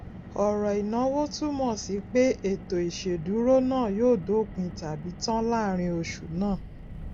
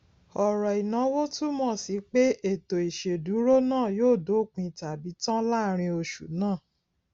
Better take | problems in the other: second | background sound (Car); 14 dB below the speech

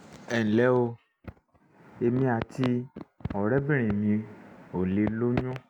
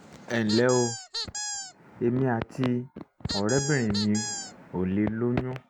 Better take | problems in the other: first | background sound (Squeak); 7 dB below the speech

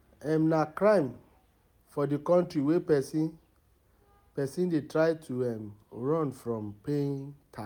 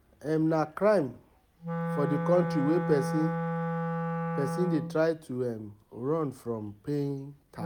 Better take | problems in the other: first | background sound (Wind instrument, woodwind instrument); 4 dB below the speech

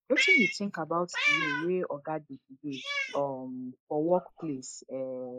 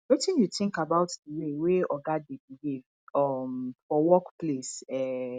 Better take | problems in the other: second | noise reduction (neural mask model Resemble Enhance denoiser)

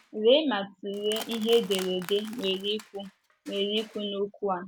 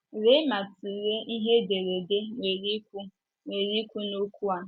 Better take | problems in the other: second | background sound (Crushing); 18 dB below the speech

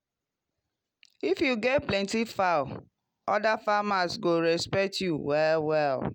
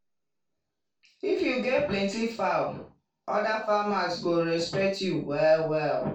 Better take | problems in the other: first | room echo; dies away in 0.3 s

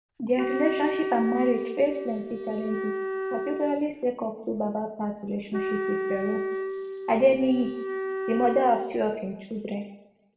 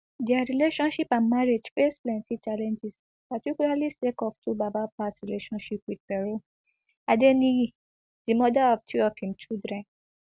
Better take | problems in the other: second | background sound (Wind instrument, woodwind instrument); 4 dB below the speech // room echo; dies away in 0.8 s

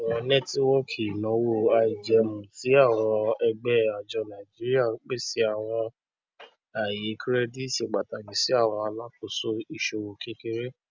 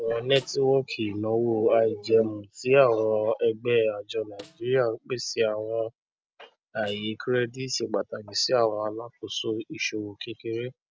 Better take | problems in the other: first | noise reduction (neural separator model SepFormer DNS4)

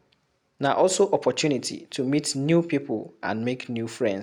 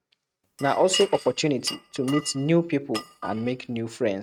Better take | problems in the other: first | noise reduction (neural mask model RNNoise)

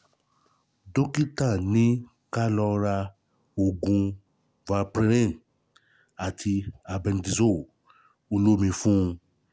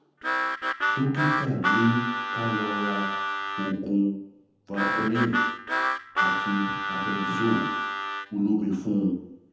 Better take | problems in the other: first | background sound (Harmonica); 1 dB above the speech // room echo; dies away in 0.8 s

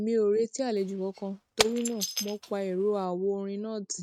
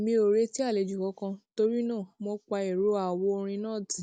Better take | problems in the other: second | noise reduction (neural mask model RNNoise)

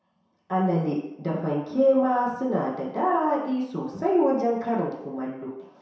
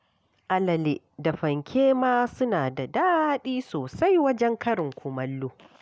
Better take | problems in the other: second | room echo; dies away in 0.7 s

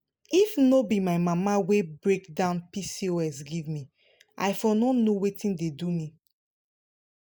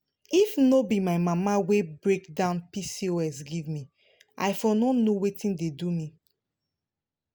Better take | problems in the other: second | noise reduction (neural mask model Resemble Enhance denoiser)

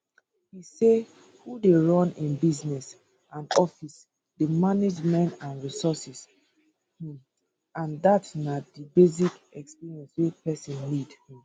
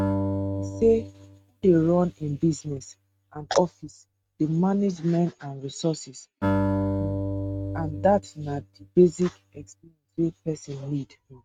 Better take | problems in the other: first | noise reduction (neural mask model RNNoise)

